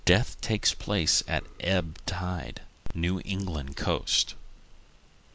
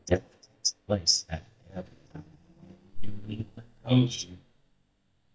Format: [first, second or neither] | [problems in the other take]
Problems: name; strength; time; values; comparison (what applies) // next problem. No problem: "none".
first | noise reduction (neural mask model DeepFilterNet 3)